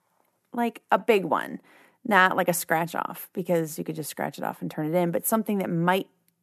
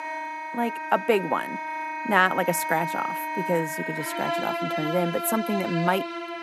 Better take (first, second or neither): first